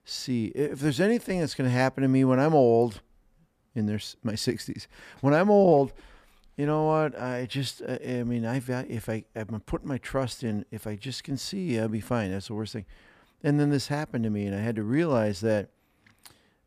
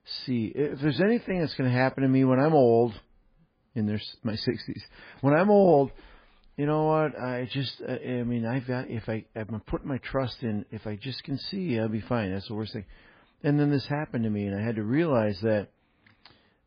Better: first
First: none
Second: garbled, watery; badly; nothing above 4.5 kHz

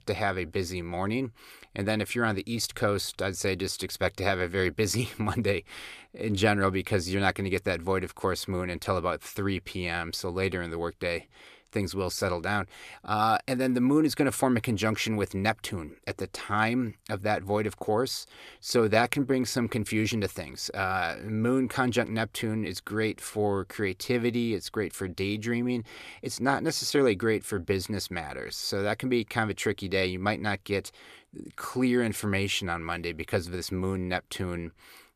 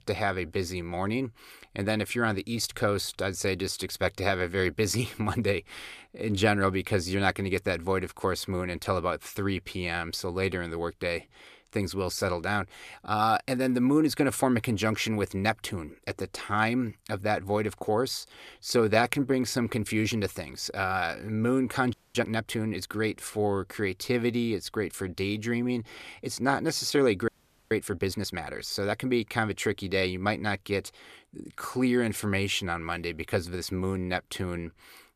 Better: first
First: none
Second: audio freezing; at 22 s and at 27 s

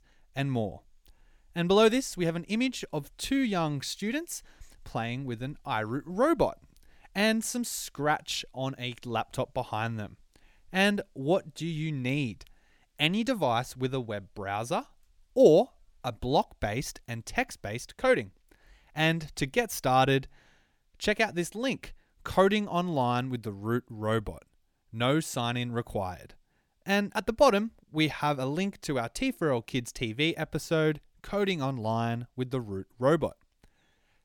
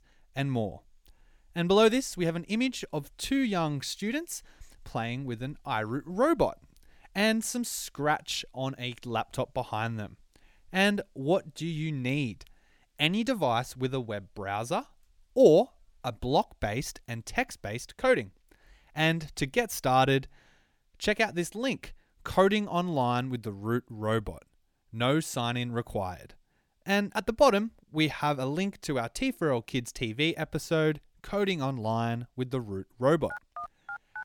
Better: first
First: none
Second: phone ringing; faint; at 33 s; peak 10 dB below the speech

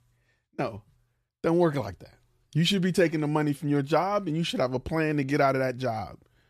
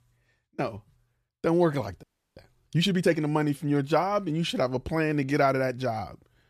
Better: first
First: none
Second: audio freezing; at 2 s

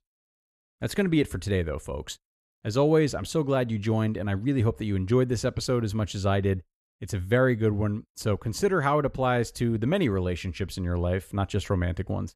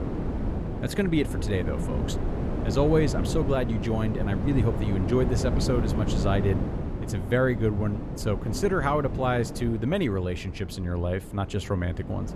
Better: first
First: none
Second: wind noise on the microphone; heavy; 7 dB below the speech

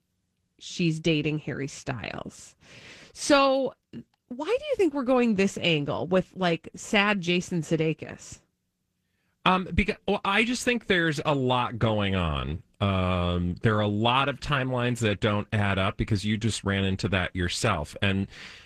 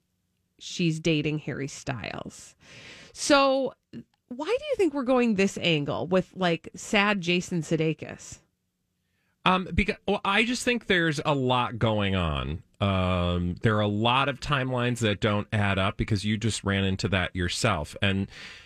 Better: second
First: garbled, watery; slightly; nothing above 14.5 kHz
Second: none

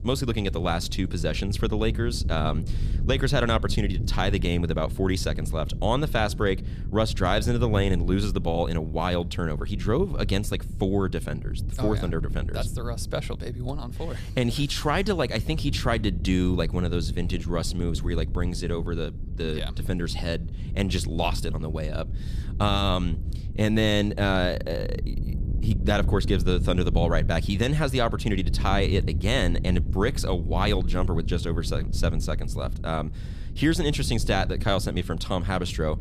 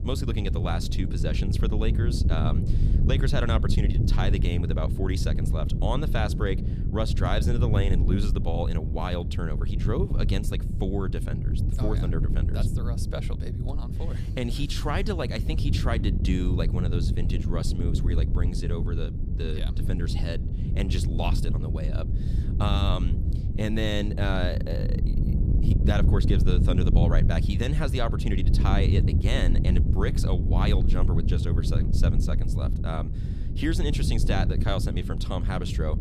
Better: first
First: wind noise on the microphone; occasional gusts; 15 dB below the speech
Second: wind noise on the microphone; heavy; 6 dB below the speech

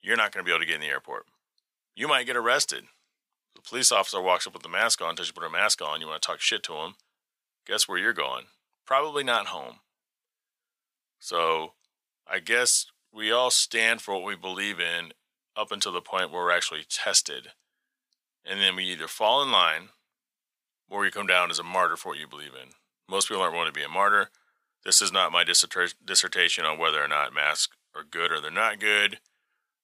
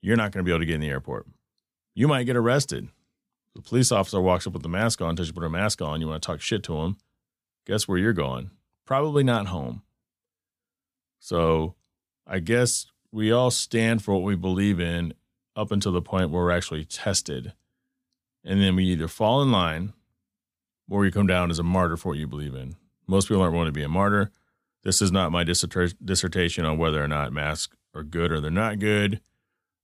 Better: second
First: thin; very; fading below 800 Hz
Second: none

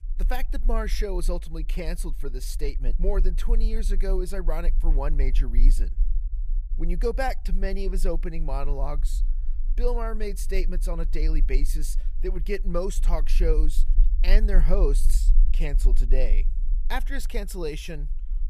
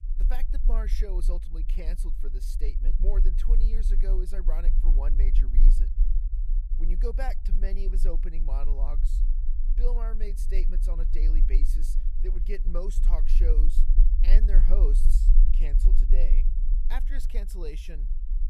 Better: first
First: low rumble; faint; throughout; 20 dB below the speech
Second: low rumble; loud; throughout; 9 dB below the speech

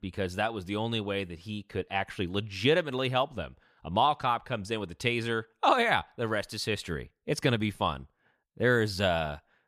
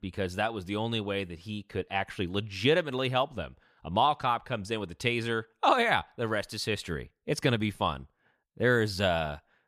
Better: neither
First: none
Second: none

